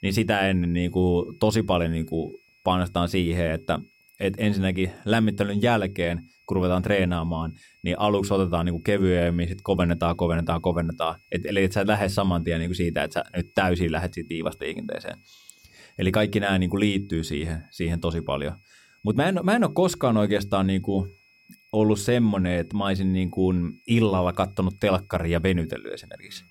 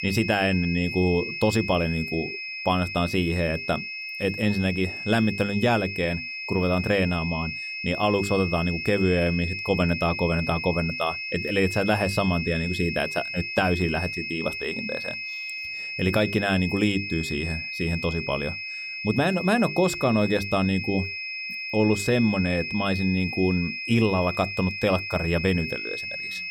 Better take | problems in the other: first | high-pitched whine; loud; throughout; 2.5 kHz, 5 dB below the speech; faint in the first

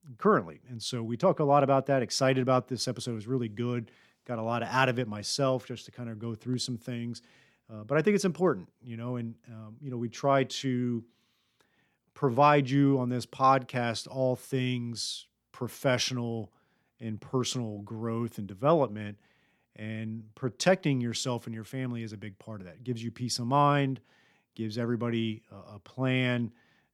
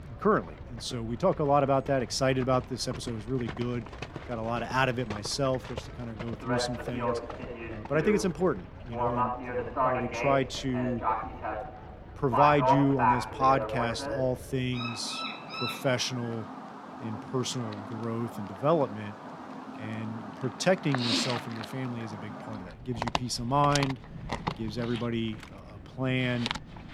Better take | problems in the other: first | animal sounds; loud; throughout; 5 dB below the speech

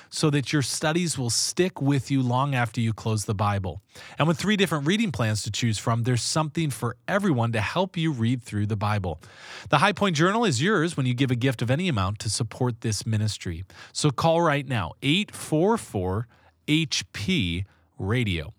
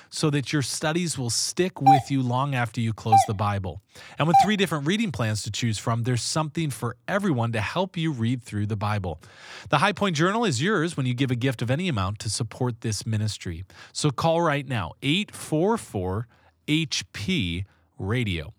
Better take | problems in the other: first | doorbell; loud; from 2 to 4.5 s; peak 6 dB above the speech

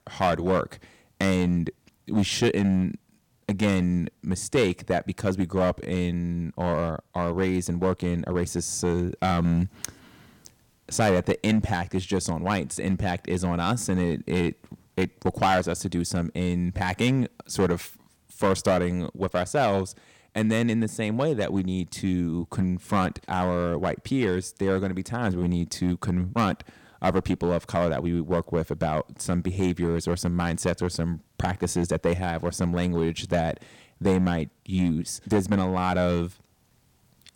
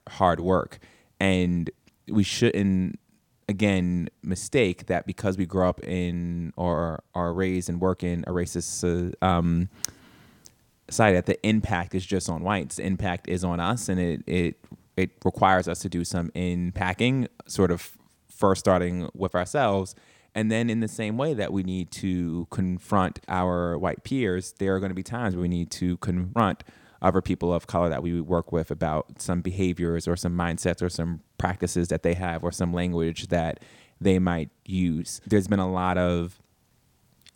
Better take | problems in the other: second | distortion; slight; 3% of the sound clipped

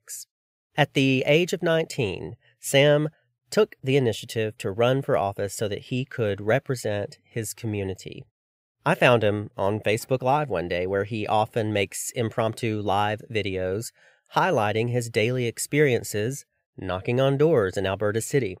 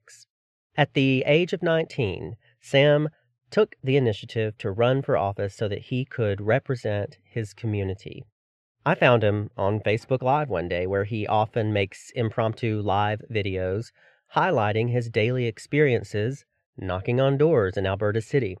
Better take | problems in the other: first | muffled; slightly; fading above 3.5 kHz

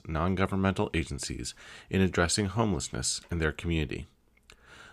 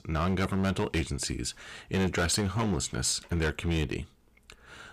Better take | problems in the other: first | distortion; heavy; 10% of the sound clipped

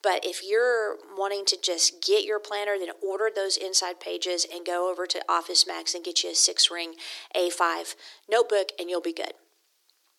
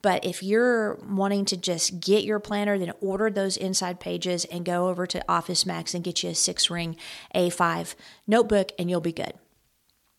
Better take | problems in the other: second | thin; very; fading below 300 Hz

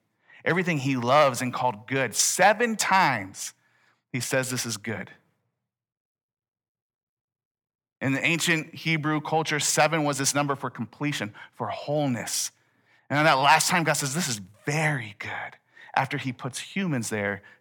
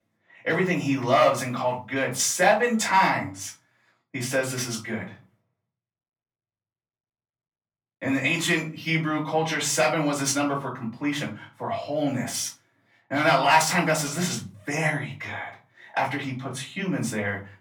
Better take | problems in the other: first | off-mic speech; far // room echo; very slight; dies away in 0.3 s

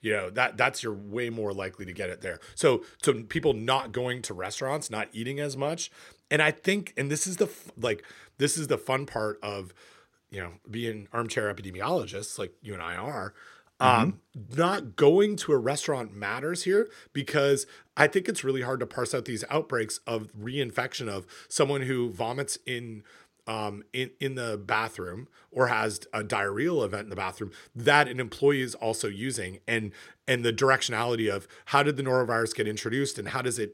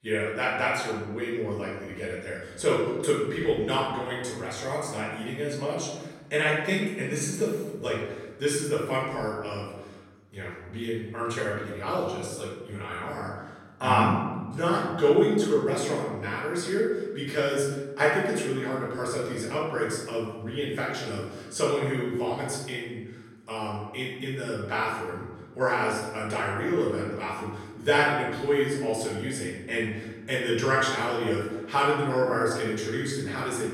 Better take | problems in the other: first | room echo; noticeable; dies away in 1.1 s // off-mic speech; far

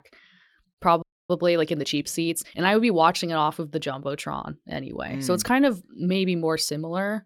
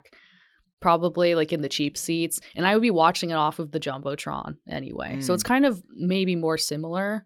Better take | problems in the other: second | audio freezing; at 1 s

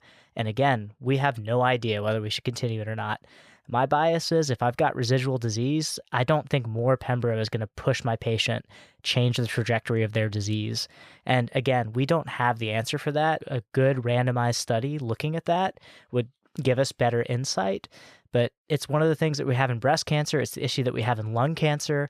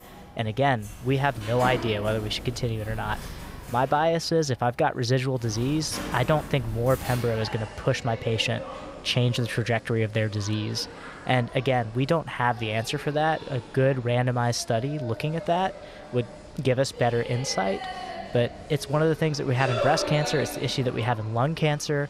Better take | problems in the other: first | animal sounds; noticeable; throughout; 10 dB below the speech

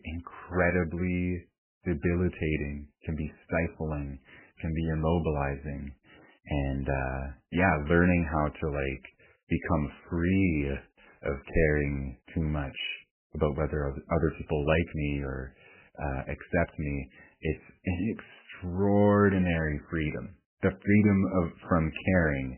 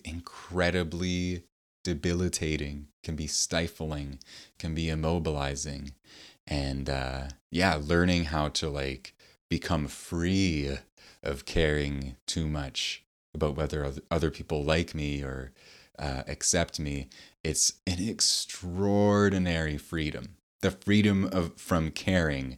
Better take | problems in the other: second | garbled, watery; badly; nothing above 3 kHz

